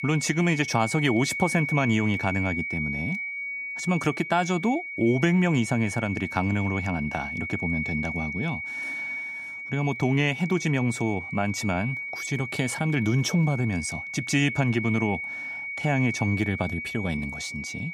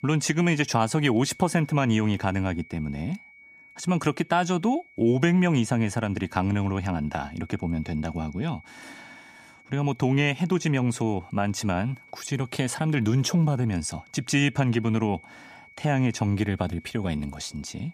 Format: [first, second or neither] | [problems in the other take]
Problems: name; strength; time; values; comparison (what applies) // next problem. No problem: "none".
second | high-pitched whine; loud; throughout; 2.5 kHz, 5 dB below the speech; faint in the second